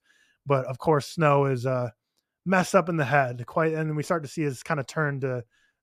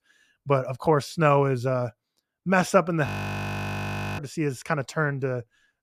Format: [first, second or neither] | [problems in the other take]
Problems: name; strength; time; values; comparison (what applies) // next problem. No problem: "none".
first | audio freezing; at 3 s for 1 s